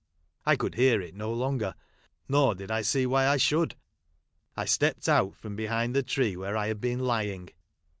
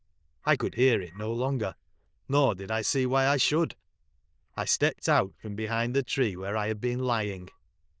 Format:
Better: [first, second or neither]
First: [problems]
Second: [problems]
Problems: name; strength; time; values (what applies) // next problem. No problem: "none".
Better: first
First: none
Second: noise reduction (neural diffusion model UNIVERSE++)